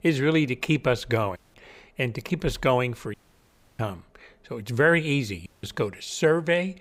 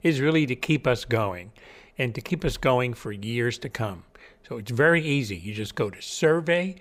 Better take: second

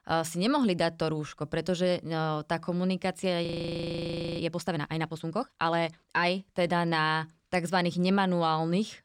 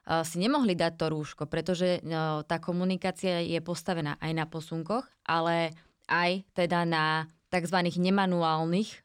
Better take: second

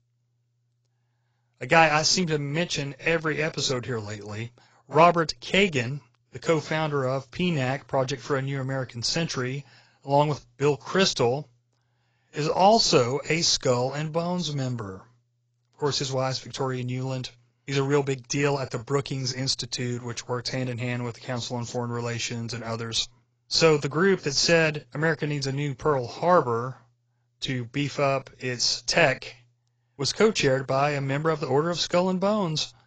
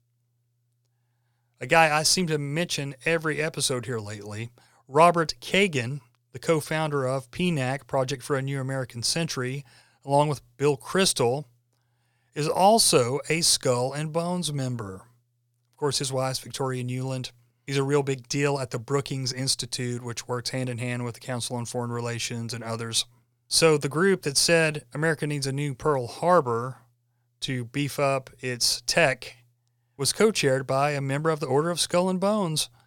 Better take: second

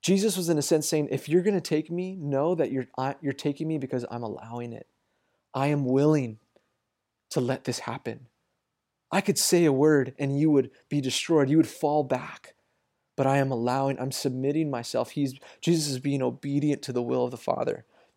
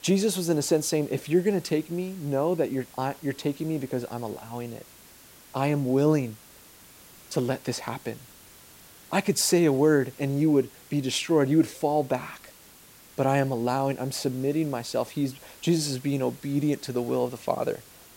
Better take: first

